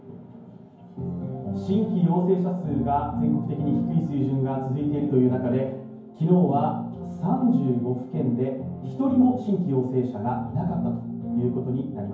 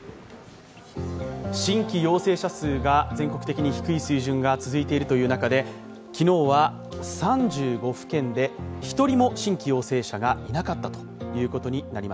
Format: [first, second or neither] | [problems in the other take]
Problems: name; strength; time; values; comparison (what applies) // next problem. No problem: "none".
second | room echo; dies away in 0.9 s